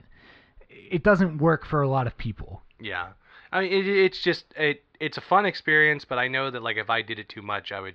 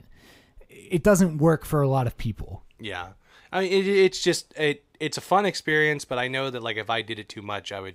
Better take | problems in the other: second | muffled; very slightly; fading above 4.5 kHz

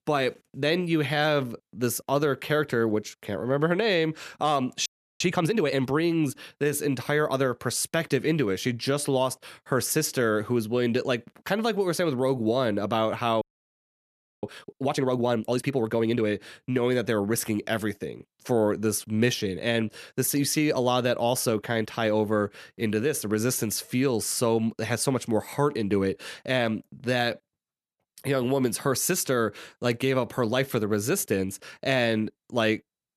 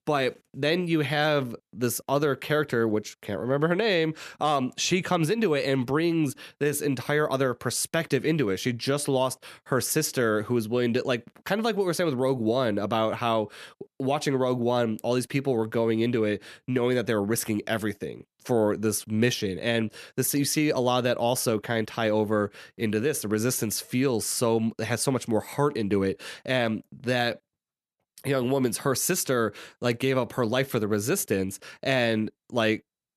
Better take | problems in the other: second | audio freezing; at 5 s and at 13 s for 1 s

